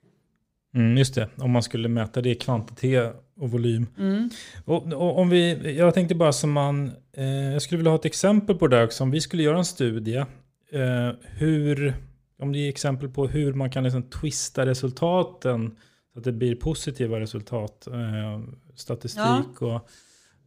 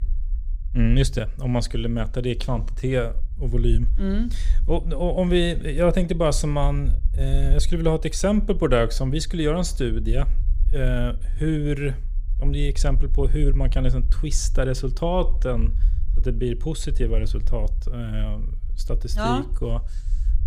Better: first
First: none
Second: low rumble; faint; throughout; 25 dB below the speech

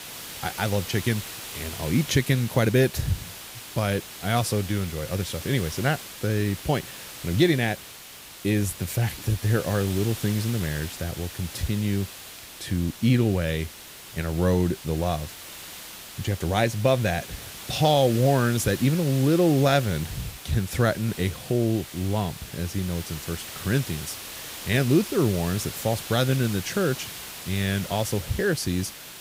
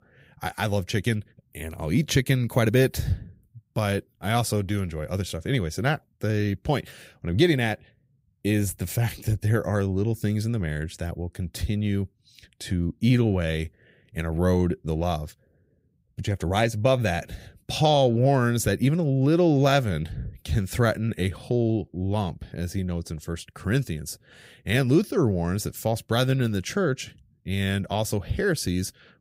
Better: second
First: hiss; noticeable; throughout; 10 dB below the speech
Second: none

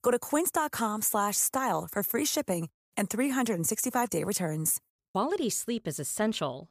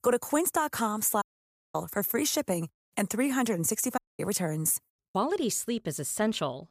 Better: first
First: none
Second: audio cutting out; at 1 s for 0.5 s and at 4 s

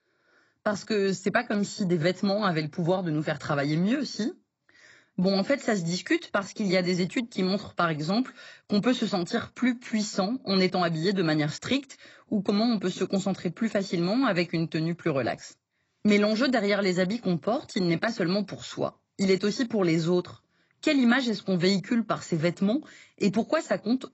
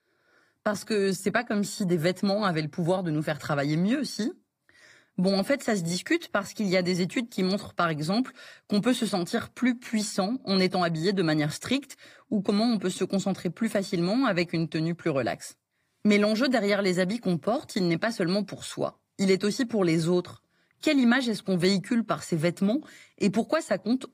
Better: second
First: garbled, watery; badly; nothing above 7.5 kHz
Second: garbled, watery; slightly; nothing above 15 kHz

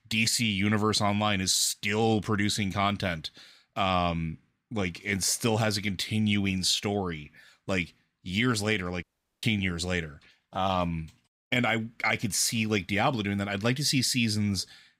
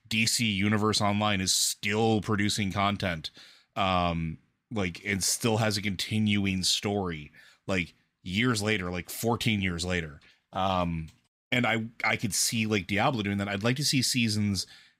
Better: second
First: audio cutting out; at 9 s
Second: none

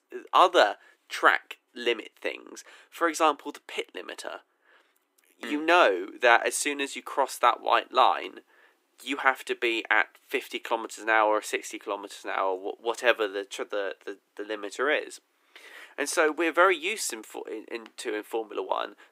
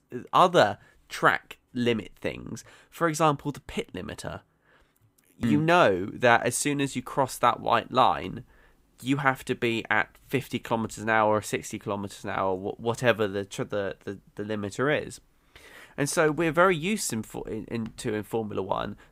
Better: second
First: thin; somewhat; fading below 300 Hz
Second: none

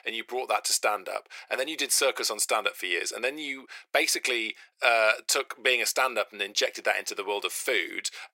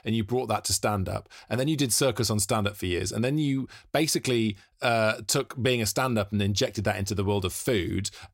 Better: second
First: thin; very; fading below 450 Hz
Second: none

